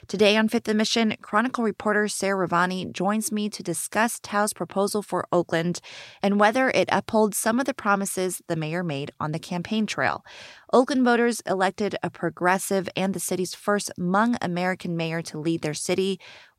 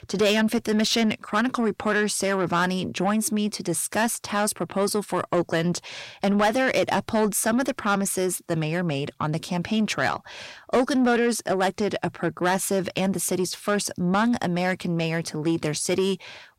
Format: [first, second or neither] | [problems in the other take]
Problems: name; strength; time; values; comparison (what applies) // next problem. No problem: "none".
first | distortion; slight; 10 dB below the speech